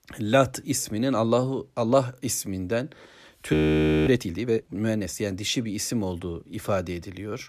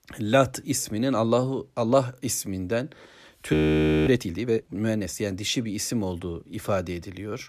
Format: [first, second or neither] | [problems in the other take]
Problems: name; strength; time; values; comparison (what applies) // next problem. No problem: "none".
neither | audio freezing; at 3.5 s for 0.5 s; the same in both